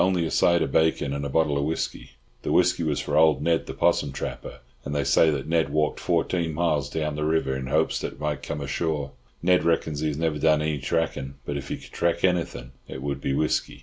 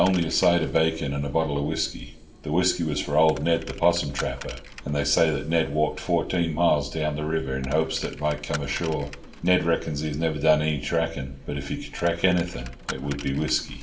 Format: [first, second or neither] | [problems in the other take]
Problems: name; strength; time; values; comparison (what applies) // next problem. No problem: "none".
first | background sound (Coin (dropping)); 18 dB below the speech // room echo; dies away in 0.6 s